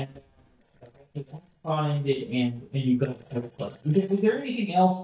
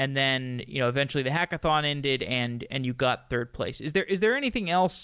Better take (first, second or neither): second